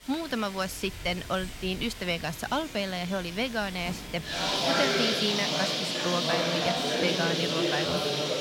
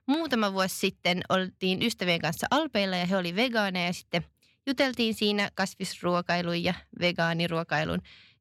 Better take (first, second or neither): second